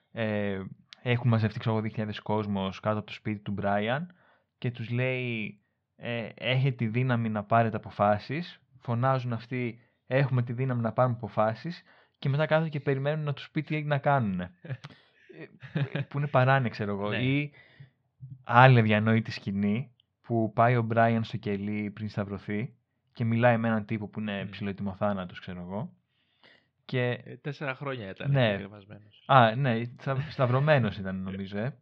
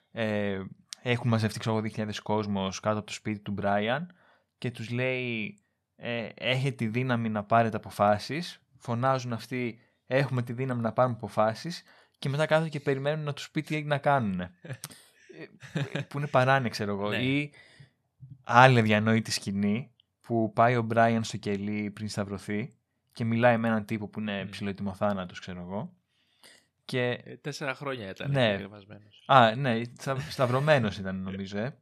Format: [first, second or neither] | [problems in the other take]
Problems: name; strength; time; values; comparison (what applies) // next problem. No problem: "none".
second | muffled; slightly; fading above 3.5 kHz